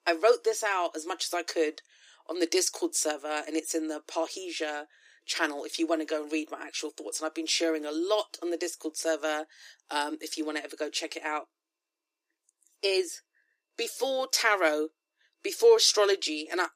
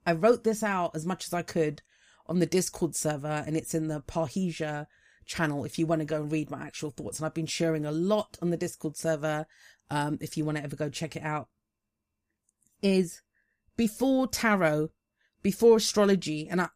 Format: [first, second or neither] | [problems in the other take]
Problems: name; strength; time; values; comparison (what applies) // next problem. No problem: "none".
second | thin; very; fading below 300 Hz